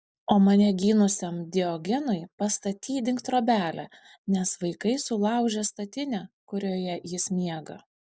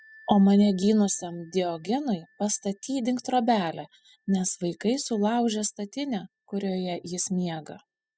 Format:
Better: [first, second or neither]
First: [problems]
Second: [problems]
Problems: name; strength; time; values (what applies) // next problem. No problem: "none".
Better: first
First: none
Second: noise reduction (classical method spectral subtraction)